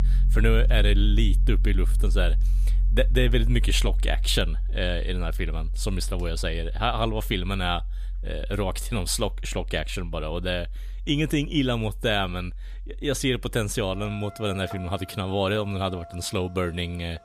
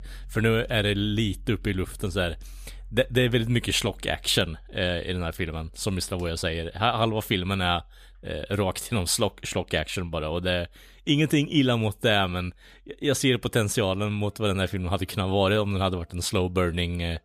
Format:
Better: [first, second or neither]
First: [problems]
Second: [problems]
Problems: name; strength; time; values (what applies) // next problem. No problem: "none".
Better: second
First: background music; loud; throughout; as loud as the speech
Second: background music; faint; throughout; 25 dB below the speech